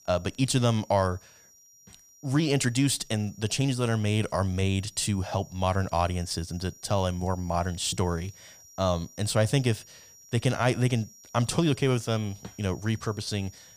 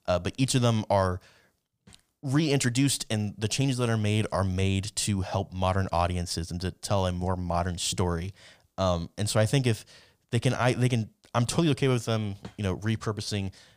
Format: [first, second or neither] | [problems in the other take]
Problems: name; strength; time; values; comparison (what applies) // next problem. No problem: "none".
second | high-pitched whine; faint; throughout; 5.5 kHz, 25 dB below the speech